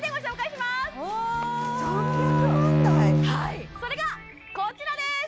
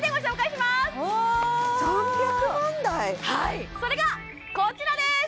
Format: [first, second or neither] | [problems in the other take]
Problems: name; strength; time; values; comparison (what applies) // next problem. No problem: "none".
second | background sound (Bowed string instrument); 5 dB above the speech